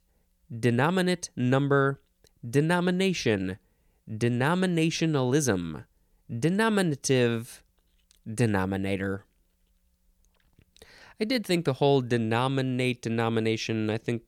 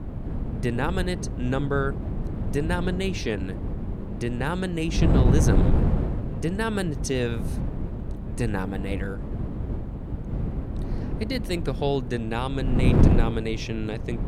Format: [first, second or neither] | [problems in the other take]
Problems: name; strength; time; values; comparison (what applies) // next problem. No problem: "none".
first | wind noise on the microphone; heavy; 5 dB below the speech